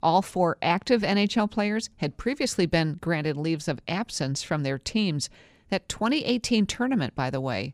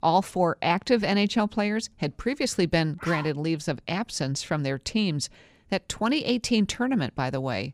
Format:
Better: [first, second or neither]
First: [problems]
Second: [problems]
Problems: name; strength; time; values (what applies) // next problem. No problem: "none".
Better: first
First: none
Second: dog barking; noticeable; at 3 s; peak 9 dB below the speech